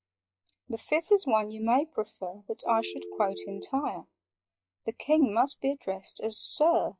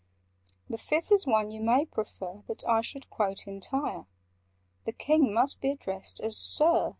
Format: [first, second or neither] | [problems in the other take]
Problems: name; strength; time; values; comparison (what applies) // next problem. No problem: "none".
second | noise reduction (classical method log-MMSE)